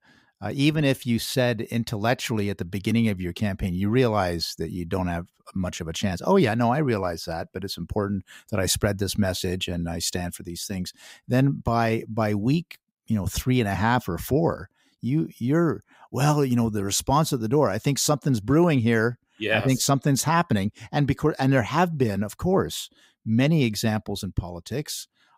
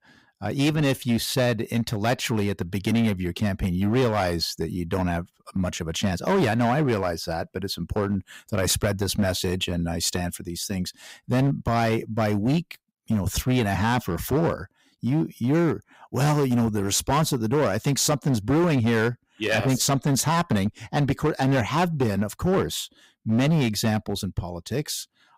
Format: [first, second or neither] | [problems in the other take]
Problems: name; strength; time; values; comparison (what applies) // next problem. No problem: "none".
first | distortion; slight; 9% of the sound clipped